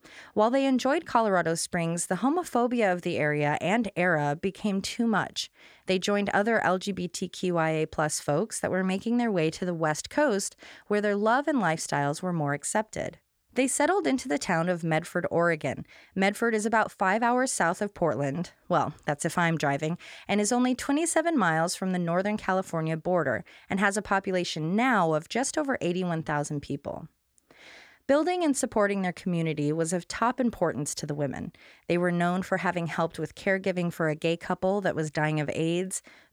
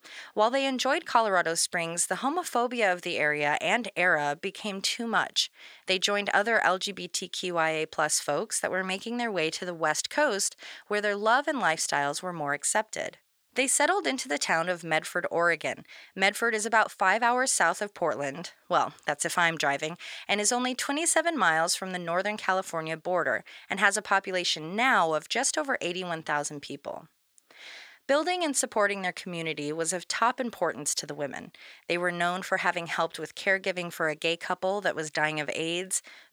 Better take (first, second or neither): first